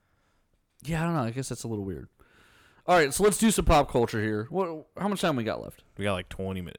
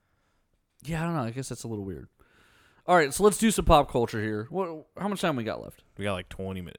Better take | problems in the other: second | distortion; slight; 1.9% of the sound clipped

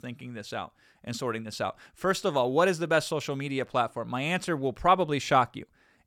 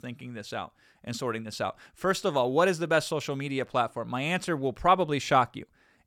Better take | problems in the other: neither | none

